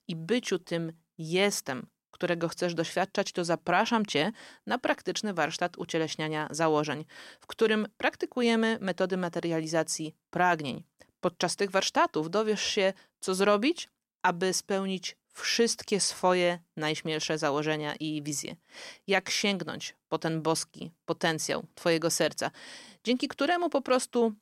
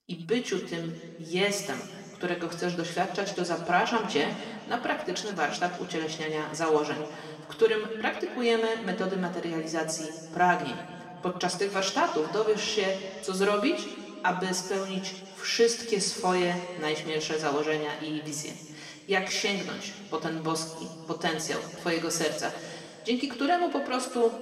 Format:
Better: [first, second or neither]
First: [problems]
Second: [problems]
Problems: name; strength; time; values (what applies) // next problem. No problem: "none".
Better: first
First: none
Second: room echo; noticeable; dies away in 1.9 s // off-mic speech; somewhat distant